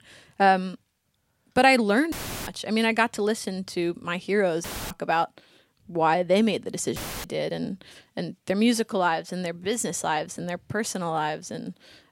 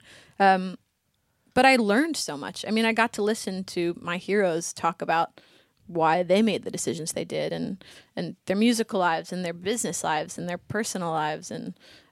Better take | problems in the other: second | audio cutting out; filled with static; at 2 s, at 4.5 s and at 7 s

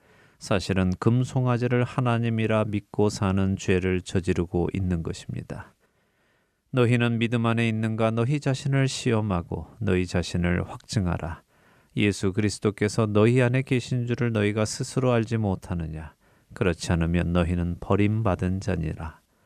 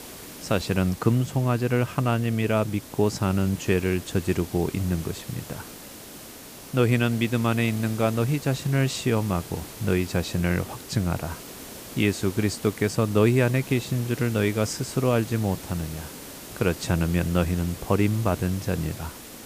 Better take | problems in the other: first | hiss; noticeable; throughout; 15 dB below the speech

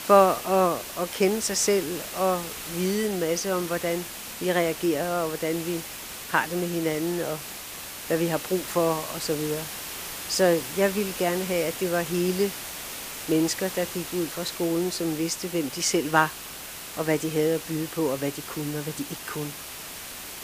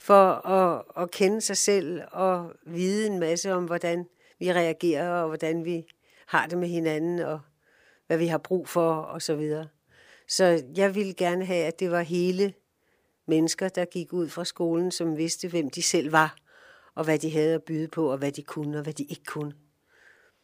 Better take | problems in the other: second | hiss; loud; throughout; 8 dB below the speech

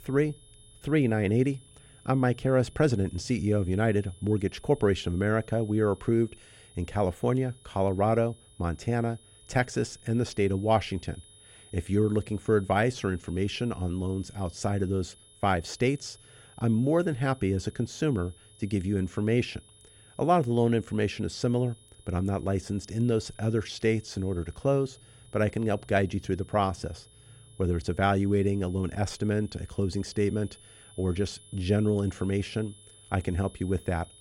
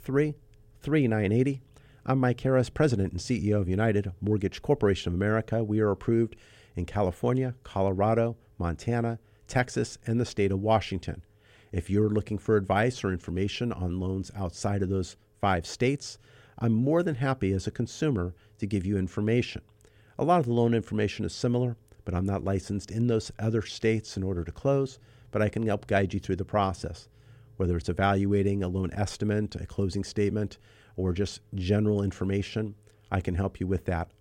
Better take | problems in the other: second | high-pitched whine; faint; throughout; 10 kHz, 25 dB below the speech

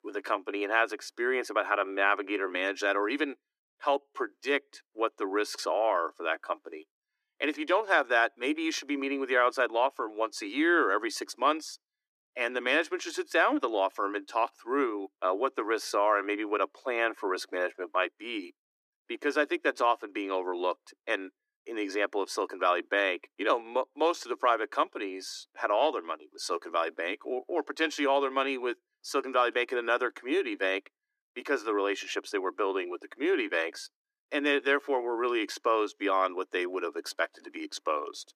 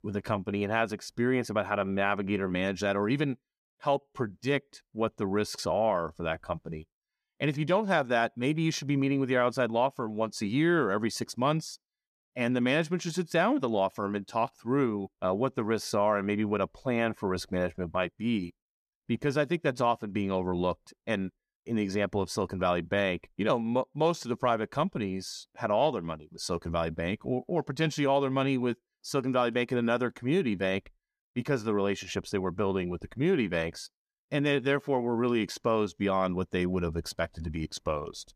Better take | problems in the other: second | thin; somewhat; fading below 300 Hz

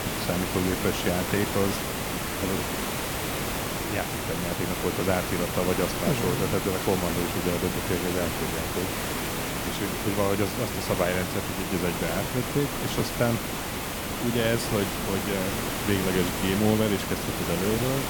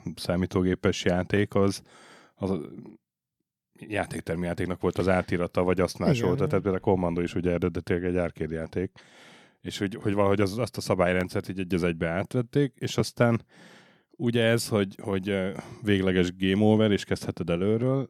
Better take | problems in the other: second | hiss; loud; throughout; as loud as the speech

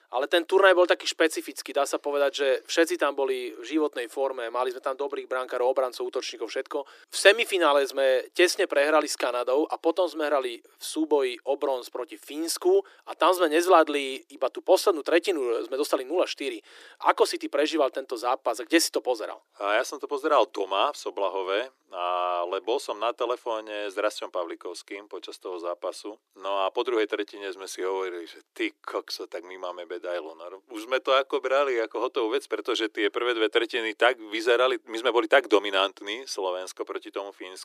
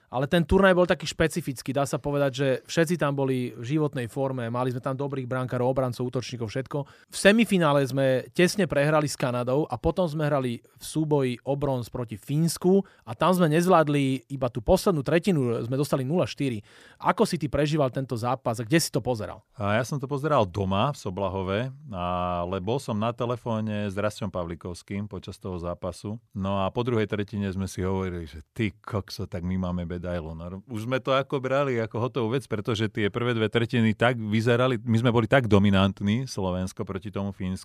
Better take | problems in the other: second | thin; very; fading below 300 Hz

